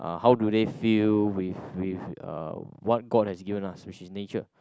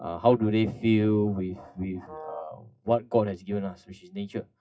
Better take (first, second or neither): first